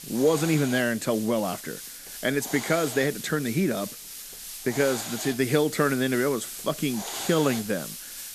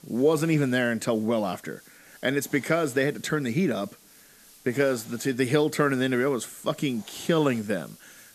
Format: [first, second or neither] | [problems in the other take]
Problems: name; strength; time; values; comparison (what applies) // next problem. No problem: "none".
second | hiss; loud; throughout; 9 dB below the speech; faint in the second